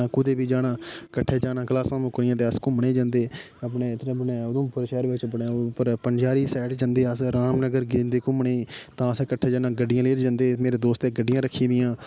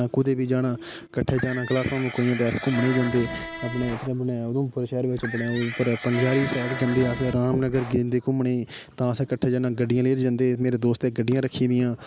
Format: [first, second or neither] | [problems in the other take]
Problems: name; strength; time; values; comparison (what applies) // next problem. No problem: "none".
first | background sound (Accordion + Livestock, farm animals, working animals); 10 dB below the speech